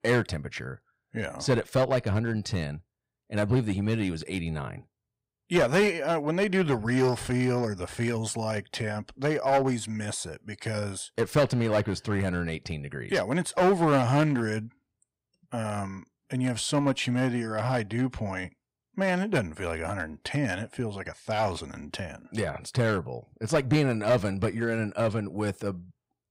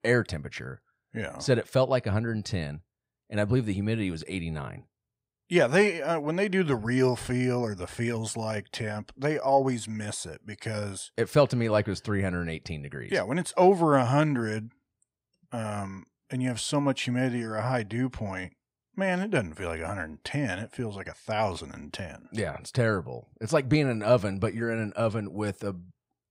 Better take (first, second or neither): second